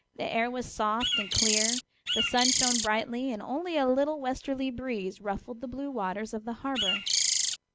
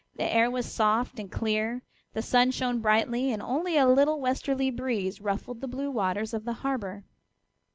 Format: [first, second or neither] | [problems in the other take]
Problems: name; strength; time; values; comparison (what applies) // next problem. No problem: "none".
second | background sound (Bird); 4 dB above the speech